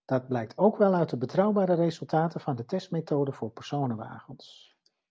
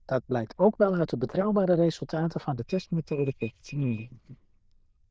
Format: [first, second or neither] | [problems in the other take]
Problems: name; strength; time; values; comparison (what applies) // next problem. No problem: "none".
first | noise reduction (neural diffusion model UNIVERSE++)